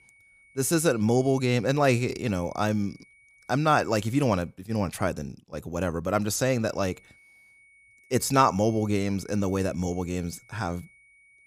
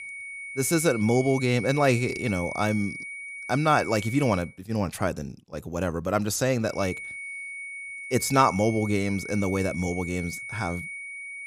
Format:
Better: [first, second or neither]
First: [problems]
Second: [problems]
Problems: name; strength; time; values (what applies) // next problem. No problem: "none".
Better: first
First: high-pitched whine; faint; until 4.5 s and from 7 s on; 2 kHz, 30 dB below the speech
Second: high-pitched whine; loud; until 4.5 s and from 7 s on; 2 kHz, 9 dB below the speech